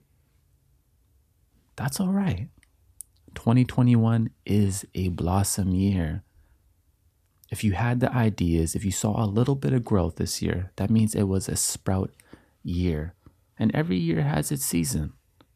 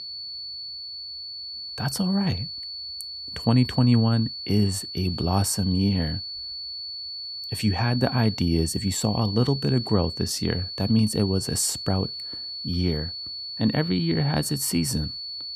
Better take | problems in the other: first | high-pitched whine; loud; throughout; 4.5 kHz, 8 dB below the speech

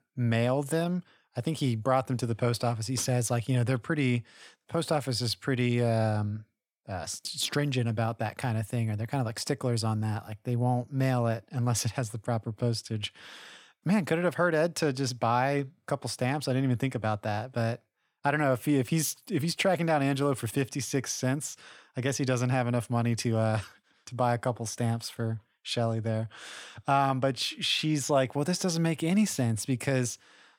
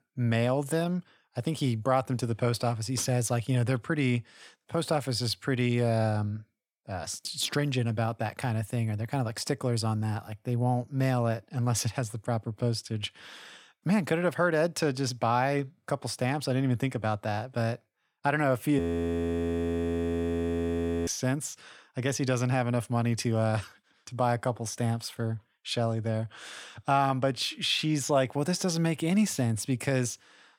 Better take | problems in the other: first | audio freezing; at 19 s for 2.5 s

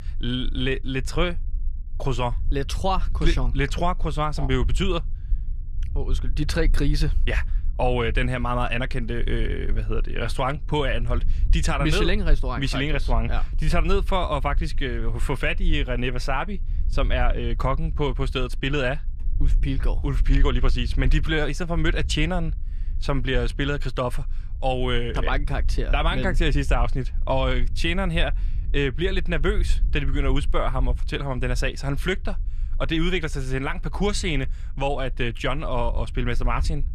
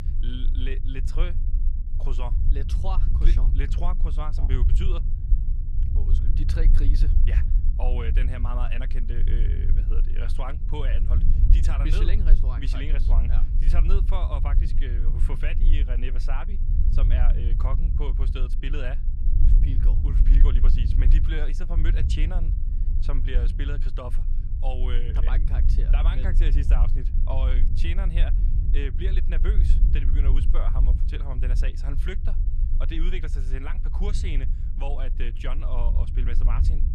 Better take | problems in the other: first | low rumble; loud; throughout; 6 dB below the speech; faint in the first

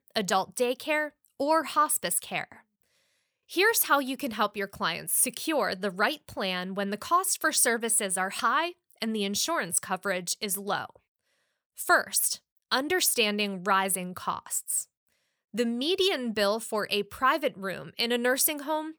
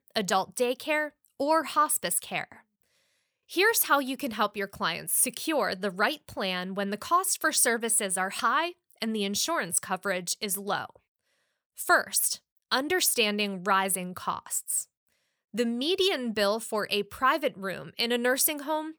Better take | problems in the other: neither | none

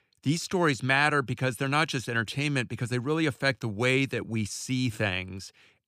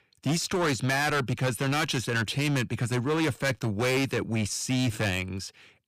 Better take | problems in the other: first | distortion; heavy; 17% of the sound clipped

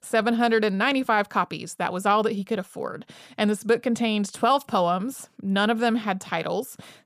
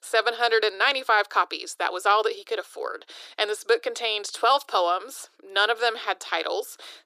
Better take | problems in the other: first | thin; very; fading below 300 Hz

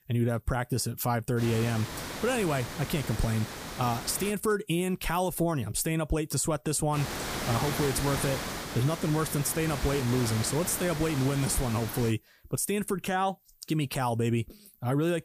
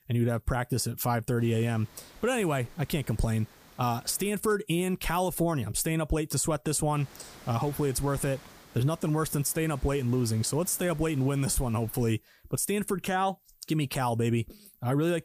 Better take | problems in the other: second | hiss; loud; from 1.5 to 4.5 s and from 7 to 12 s; 7 dB below the speech; faint in the second

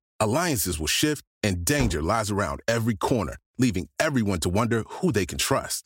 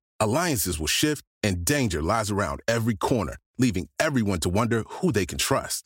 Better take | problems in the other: second | door banging; noticeable; at 2 s; peak 9 dB below the speech

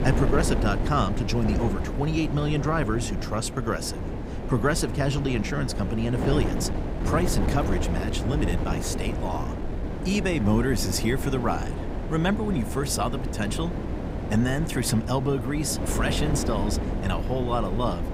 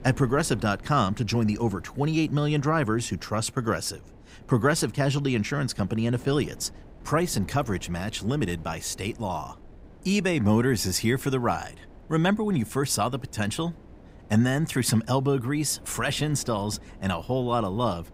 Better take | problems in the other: second | wind noise on the microphone; heavy; 6 dB below the speech; occasional gusts in the second

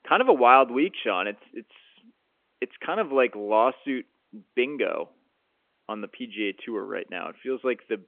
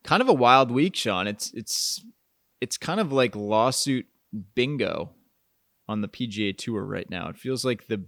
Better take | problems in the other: second | phone-call audio; nothing above 3 kHz

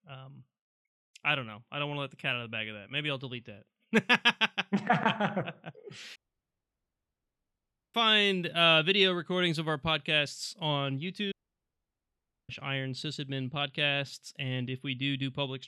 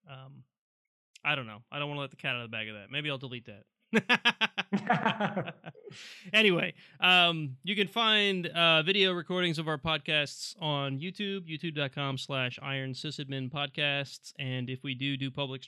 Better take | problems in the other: second | audio cutting out; at 6 s for 2 s and at 11 s for 1 s

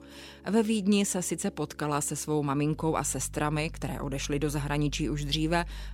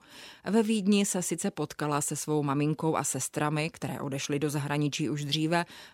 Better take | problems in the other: second | background music; noticeable; throughout; 15 dB below the speech

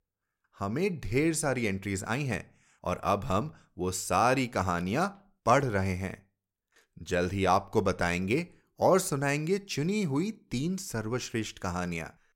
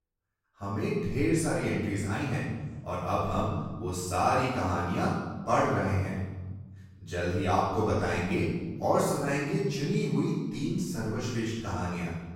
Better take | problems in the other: first | off-mic speech; far // room echo; strong; dies away in 1.4 s

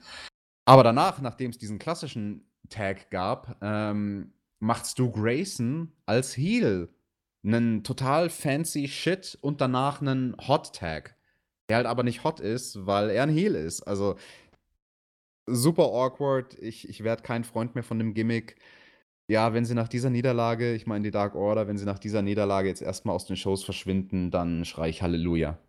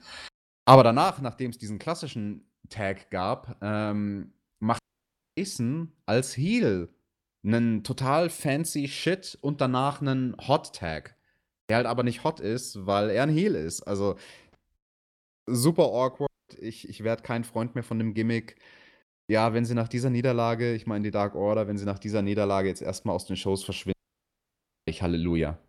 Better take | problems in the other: first | audio cutting out; at 5 s for 0.5 s, at 16 s and at 24 s for 1 s

